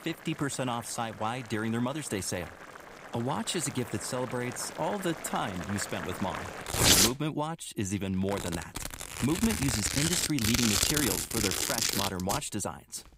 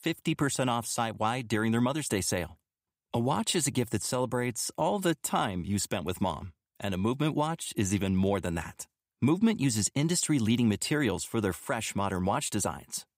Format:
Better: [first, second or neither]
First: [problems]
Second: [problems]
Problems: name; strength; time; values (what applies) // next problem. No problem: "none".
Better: second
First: household noises; very loud; throughout; 3 dB above the speech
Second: none